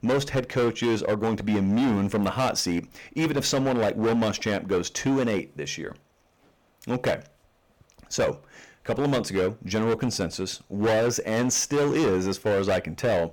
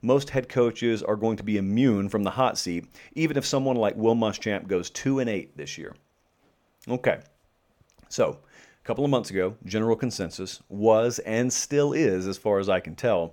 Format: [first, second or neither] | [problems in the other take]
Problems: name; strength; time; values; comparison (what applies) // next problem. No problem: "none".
second | distortion; heavy; 15% of the sound clipped